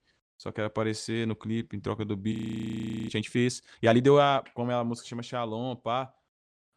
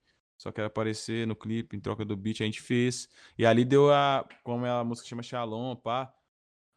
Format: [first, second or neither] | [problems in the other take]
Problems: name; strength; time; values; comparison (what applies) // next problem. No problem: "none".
second | audio freezing; at 2.5 s for 1 s